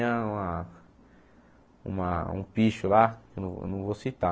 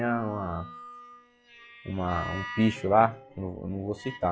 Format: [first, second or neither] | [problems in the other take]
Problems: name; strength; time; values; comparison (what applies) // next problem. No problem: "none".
first | noise reduction (classical method log-MMSE)